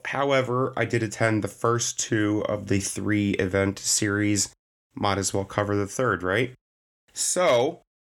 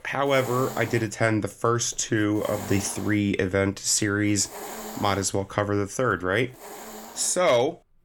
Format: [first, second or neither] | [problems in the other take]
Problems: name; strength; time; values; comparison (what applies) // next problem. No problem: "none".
first | hiss; noticeable; throughout; 15 dB below the speech